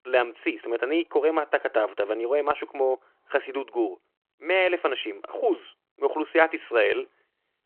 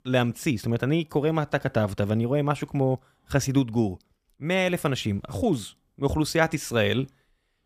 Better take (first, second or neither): second